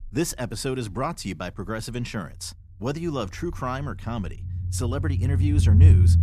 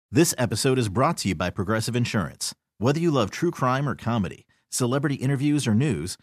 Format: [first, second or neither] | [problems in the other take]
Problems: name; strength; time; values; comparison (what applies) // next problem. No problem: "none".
second | low rumble; loud; throughout; 4 dB below the speech